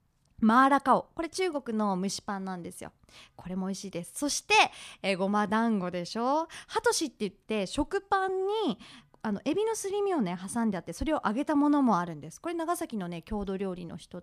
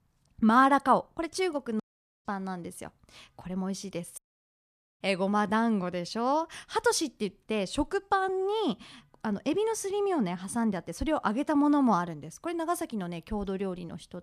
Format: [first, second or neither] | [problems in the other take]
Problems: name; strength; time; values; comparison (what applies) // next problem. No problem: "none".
first | audio cutting out; at 2 s and at 4 s for 1 s